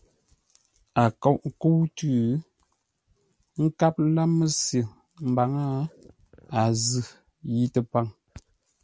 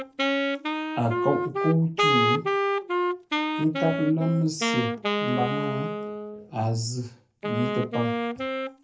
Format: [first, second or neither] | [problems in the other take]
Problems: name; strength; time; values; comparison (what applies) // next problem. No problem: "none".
first | background sound (Wind instrument, woodwind instrument); 1 dB above the speech // room echo; dies away in 0.3 s